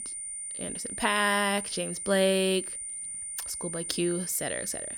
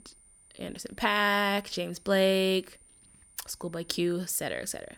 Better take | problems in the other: second | high-pitched whine; loud; throughout; 9 kHz, 6 dB below the speech; faint in the second

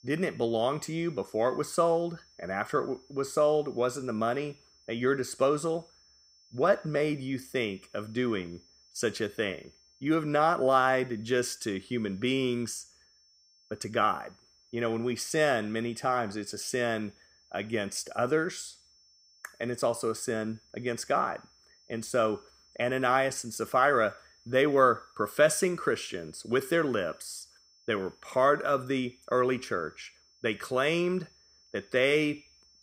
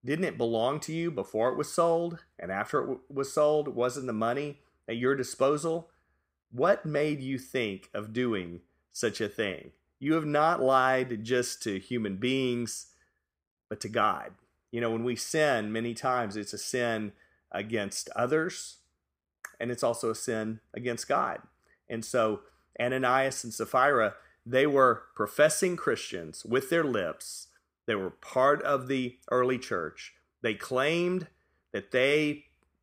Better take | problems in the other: second | high-pitched whine; faint; throughout; 5.5 kHz, 30 dB below the speech

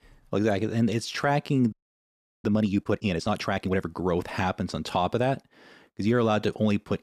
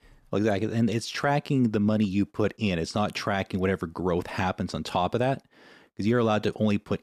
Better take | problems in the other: second | audio freezing; at 1.5 s for 0.5 s

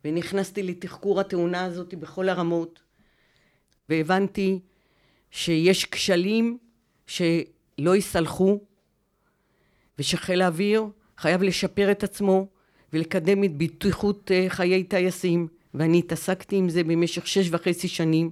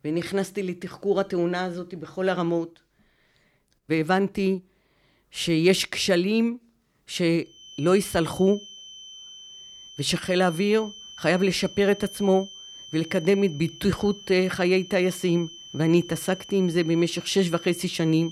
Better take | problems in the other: first | high-pitched whine; noticeable; from 7.5 s on; 3 kHz, 15 dB below the speech

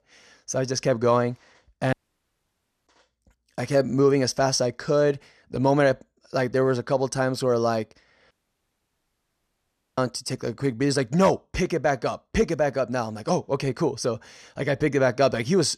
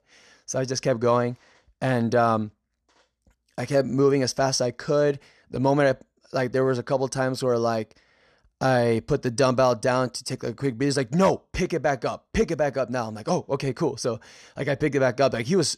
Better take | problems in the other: second | audio cutting out; at 2 s for 1 s and at 8.5 s for 1.5 s

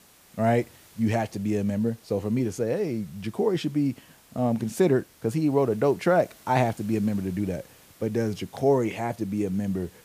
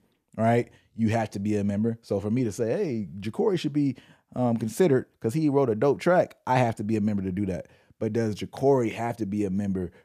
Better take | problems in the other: second | hiss; faint; throughout; 25 dB below the speech

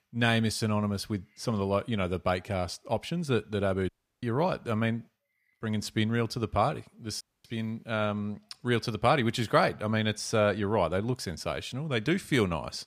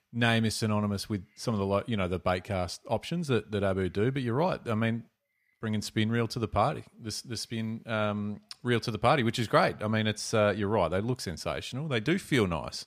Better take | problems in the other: second | audio cutting out; at 4 s and at 7 s

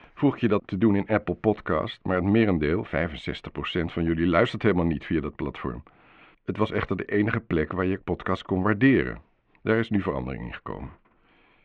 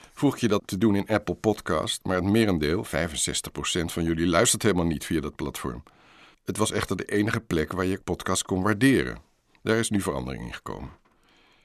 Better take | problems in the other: second | muffled; very; fading above 2.5 kHz

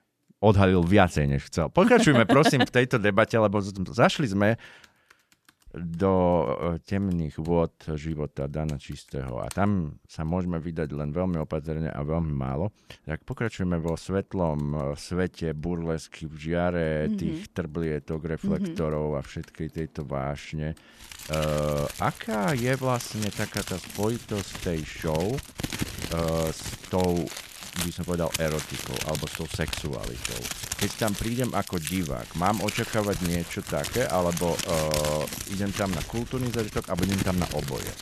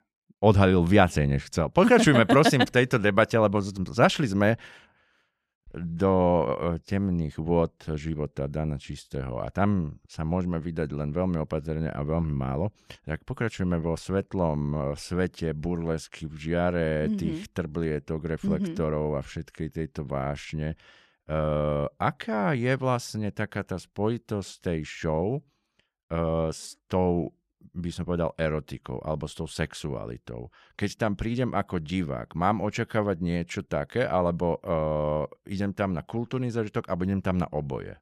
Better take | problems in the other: second | household noises; loud; throughout; 7 dB below the speech

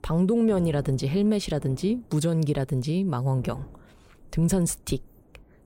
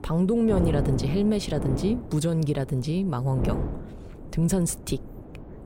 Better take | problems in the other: first | wind noise on the microphone; heavy; 9 dB below the speech; occasional gusts in the first

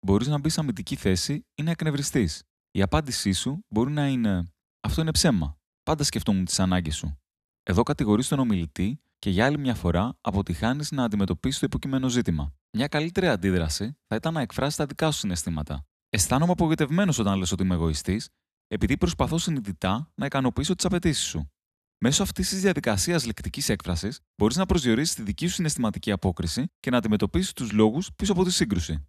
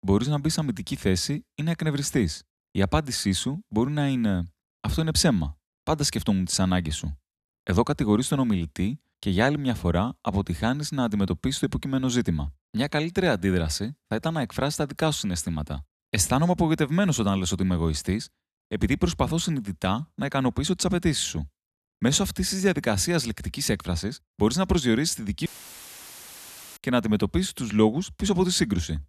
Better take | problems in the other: first | audio cutting out; filled with static; at 25 s for 1.5 s

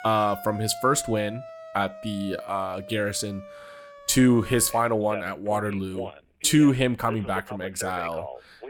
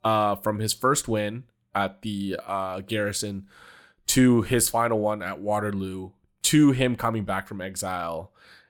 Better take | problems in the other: second | alarms or sirens; noticeable; throughout; 15 dB below the speech

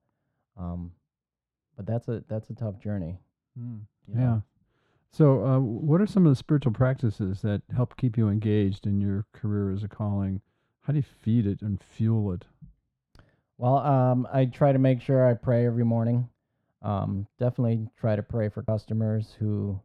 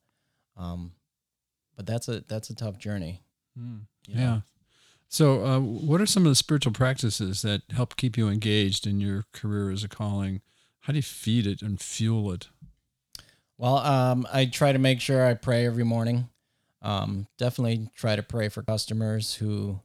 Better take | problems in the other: second | muffled; very; fading above 2.5 kHz

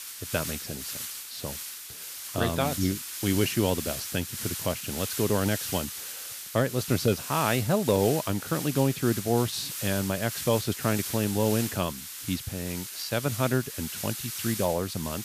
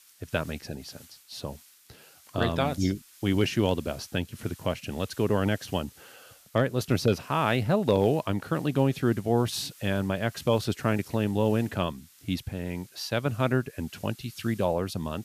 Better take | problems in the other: second | hiss; loud; throughout; 6 dB below the speech; faint in the second

